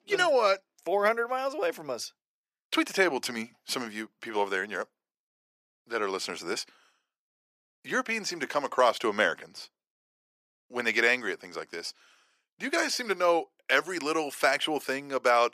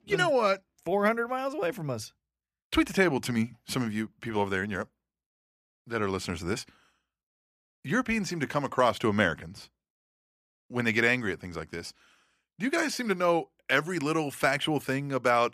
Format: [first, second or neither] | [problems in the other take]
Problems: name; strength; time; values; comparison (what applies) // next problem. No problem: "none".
second | thin; somewhat; fading below 450 Hz